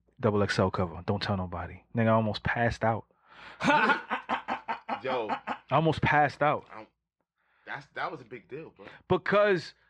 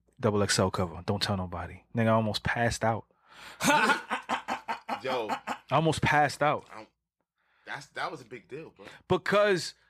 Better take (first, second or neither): second